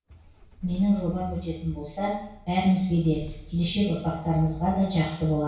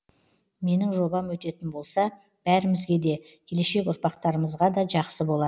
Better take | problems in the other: second | background sound (Engine starting / Car); 20 dB below the speech // room echo; dies away in 0.6 s

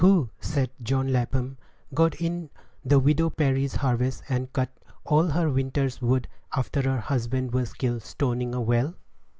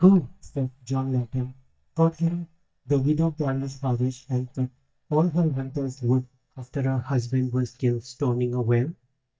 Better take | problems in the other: first | noise reduction (neural mask model DeepFilterNet 3)

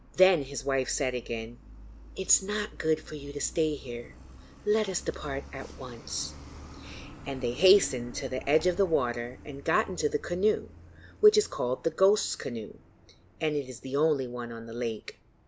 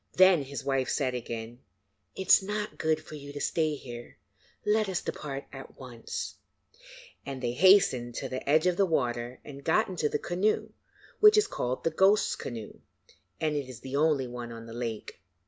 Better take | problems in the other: second | background sound (Truck); 18 dB below the speech

